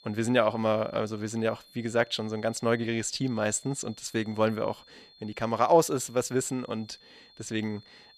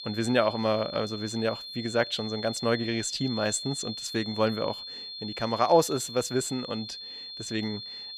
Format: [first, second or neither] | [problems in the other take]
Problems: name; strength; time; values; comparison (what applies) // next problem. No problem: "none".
first | high-pitched whine; loud; throughout; 4 kHz, 8 dB below the speech; faint in the first